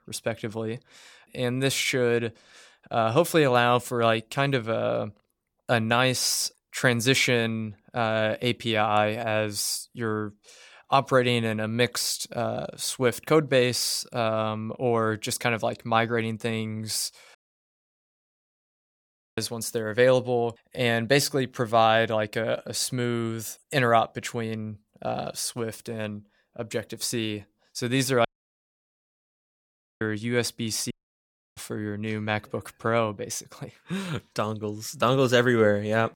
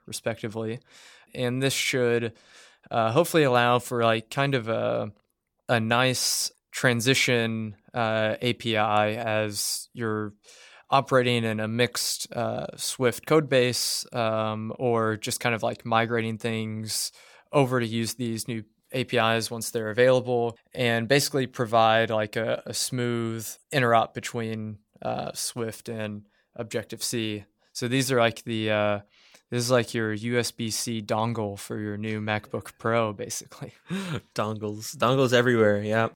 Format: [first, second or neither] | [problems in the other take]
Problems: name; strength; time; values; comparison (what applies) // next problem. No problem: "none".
second | audio cutting out; at 17 s for 2 s, at 28 s for 2 s and at 31 s for 0.5 s